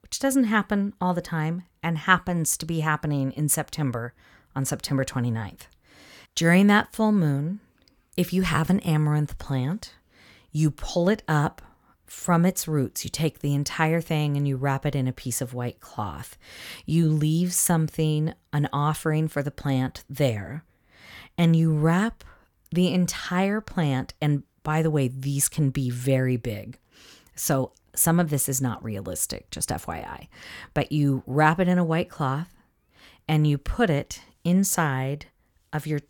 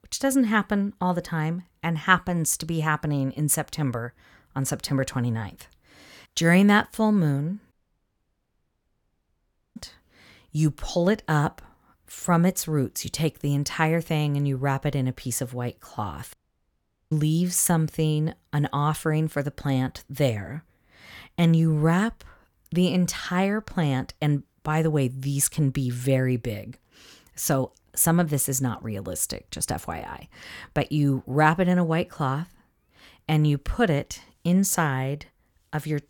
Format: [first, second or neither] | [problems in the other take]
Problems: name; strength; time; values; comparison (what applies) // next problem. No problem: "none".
first | audio cutting out; at 7.5 s for 2 s and at 16 s for 1 s